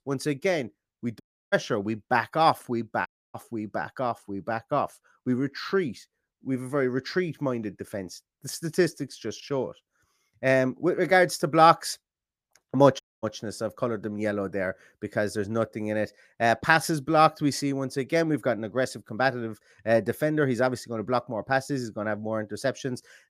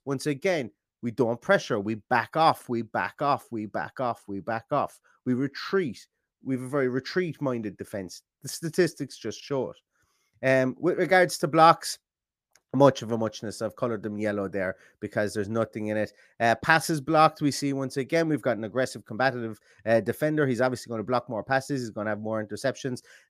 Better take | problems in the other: second | audio cutting out; at 1 s, at 3 s and at 13 s

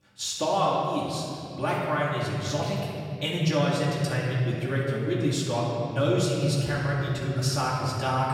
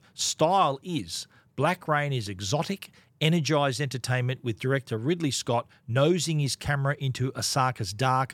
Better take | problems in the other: second | room echo; noticeable; dies away in 2.9 s // off-mic speech; far

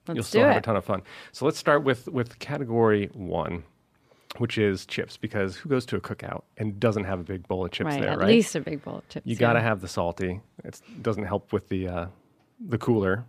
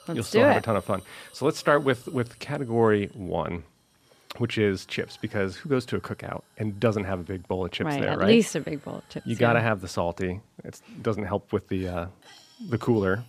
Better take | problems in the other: first | hiss; faint; throughout; 30 dB below the speech

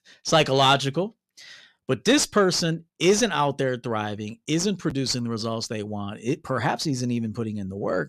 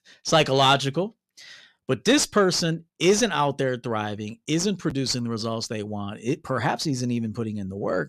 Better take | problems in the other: neither | distortion; slight; 10 dB below the speech; the same in both

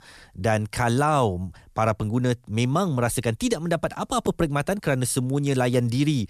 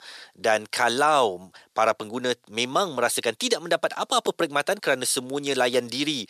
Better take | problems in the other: first | thin; somewhat; fading below 450 Hz

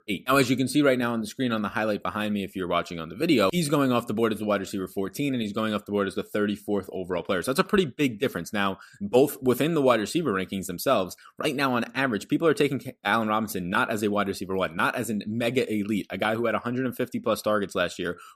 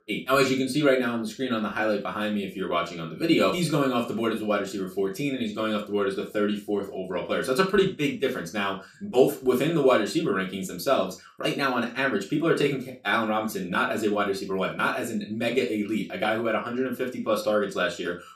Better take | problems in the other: first | room echo; slight; dies away in 0.3 s // off-mic speech; somewhat distant

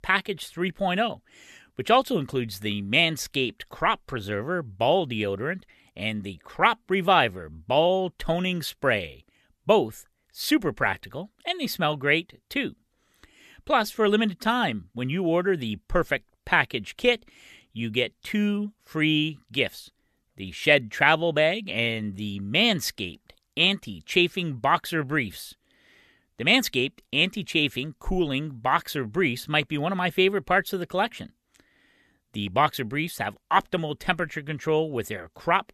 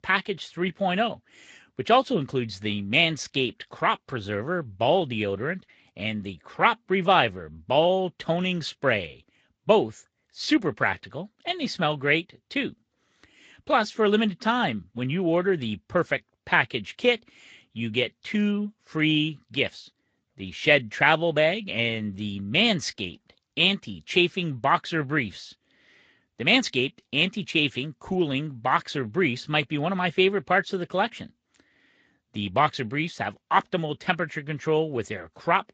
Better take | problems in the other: first | garbled, watery; slightly; nothing above 7.5 kHz

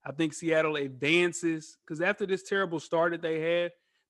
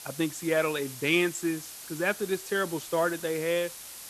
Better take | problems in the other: first | hiss; noticeable; throughout; 10 dB below the speech

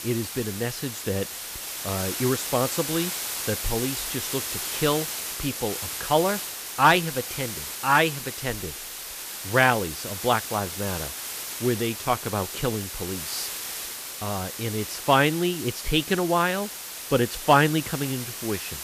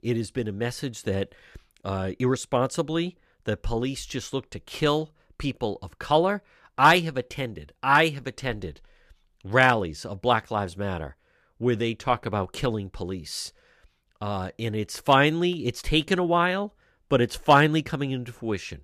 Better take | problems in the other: second | hiss; loud; throughout; 5 dB below the speech

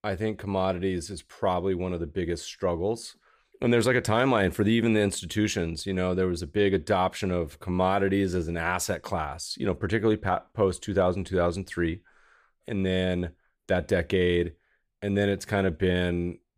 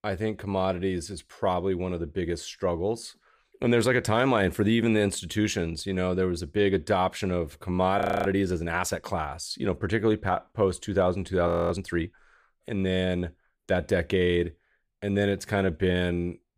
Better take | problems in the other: first | audio freezing; at 8 s and at 11 s

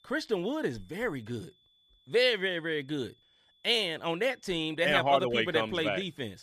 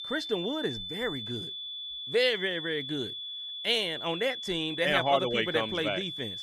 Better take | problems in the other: first | high-pitched whine; loud; throughout; 3.5 kHz, 6 dB below the speech; faint in the first

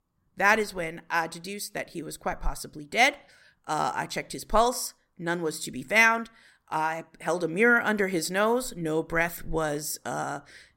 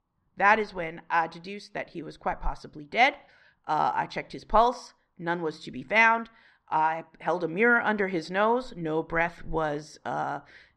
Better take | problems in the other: first | muffled; slightly; fading above 4 kHz

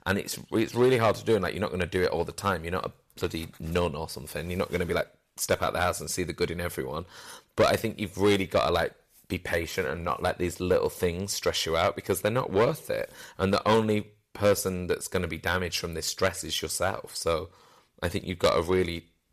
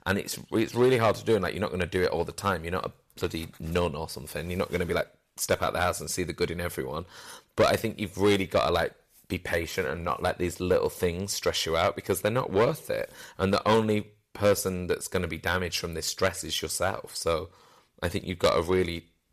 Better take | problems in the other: neither | distortion; slight; 1.9% of the sound clipped; the same in both

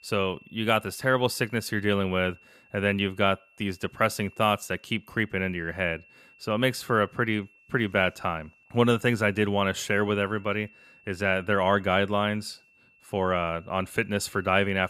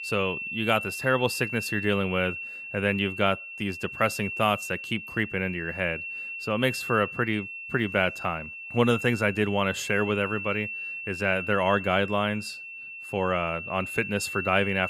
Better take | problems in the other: first | high-pitched whine; loud; throughout; 2.5 kHz, 7 dB below the speech; faint in the first

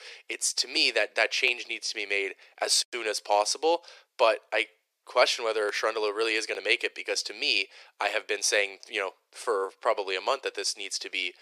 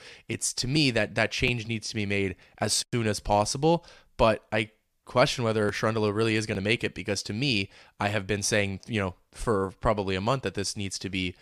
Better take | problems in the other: second | thin; very; fading below 400 Hz

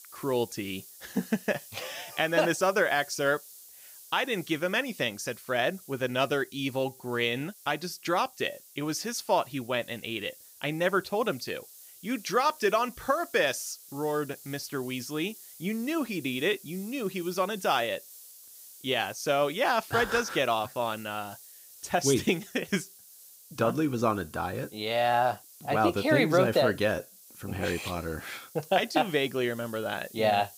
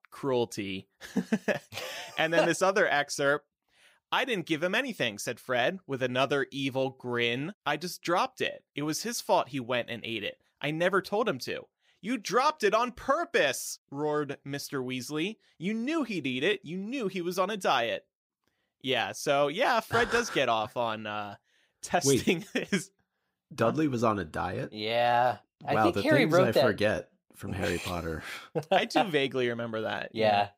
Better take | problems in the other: second | hiss; noticeable; throughout; 20 dB below the speech

